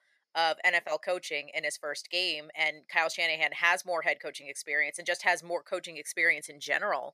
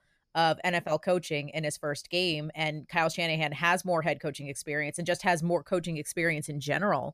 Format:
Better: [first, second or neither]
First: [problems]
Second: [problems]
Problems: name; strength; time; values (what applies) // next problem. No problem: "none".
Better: second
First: thin; very; fading below 550 Hz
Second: none